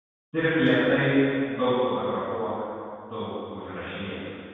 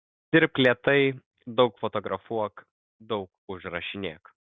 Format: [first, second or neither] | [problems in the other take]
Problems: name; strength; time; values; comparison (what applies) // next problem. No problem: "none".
second | room echo; dies away in 2.1 s